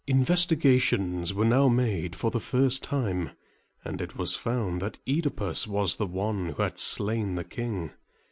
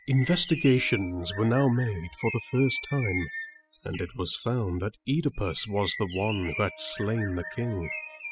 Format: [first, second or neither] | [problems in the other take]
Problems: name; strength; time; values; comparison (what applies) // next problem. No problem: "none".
first | noise reduction (classical method spectral subtraction)